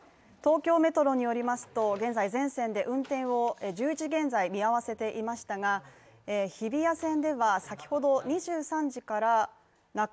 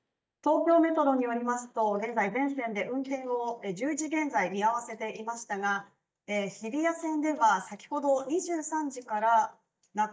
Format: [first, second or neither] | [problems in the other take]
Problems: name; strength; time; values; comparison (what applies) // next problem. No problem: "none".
first | noise reduction (neural mask model DeepFilterNet 3)